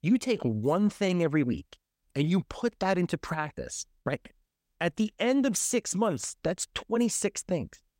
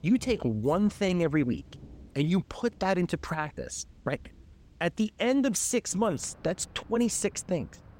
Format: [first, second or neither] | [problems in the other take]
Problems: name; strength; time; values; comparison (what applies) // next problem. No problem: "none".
first | rain or running water; faint; throughout; 25 dB below the speech